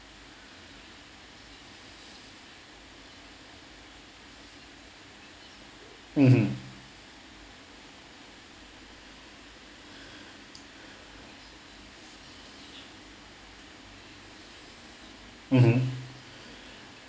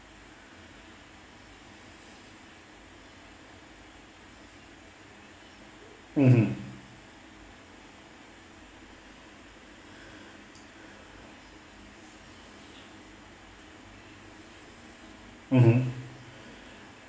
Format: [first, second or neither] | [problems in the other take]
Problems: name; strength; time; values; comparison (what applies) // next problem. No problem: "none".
first | room echo; dies away in 0.7 s